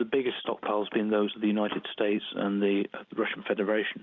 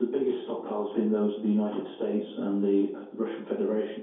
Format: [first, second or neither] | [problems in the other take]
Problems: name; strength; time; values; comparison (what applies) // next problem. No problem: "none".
first | room echo; dies away in 2.4 s